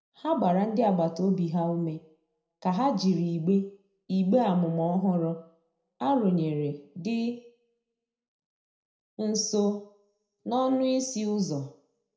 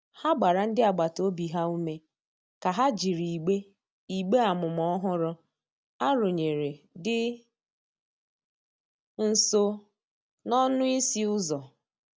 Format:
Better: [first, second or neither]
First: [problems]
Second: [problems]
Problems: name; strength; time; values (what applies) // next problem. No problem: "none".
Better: second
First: room echo; dies away in 0.5 s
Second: none